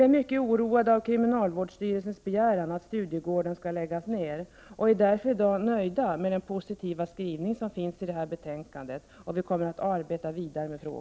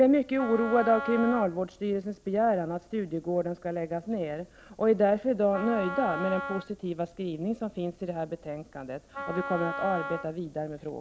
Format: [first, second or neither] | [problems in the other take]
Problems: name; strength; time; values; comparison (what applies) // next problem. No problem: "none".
first | background sound (Wind instrument, woodwind instrument); 9 dB below the speech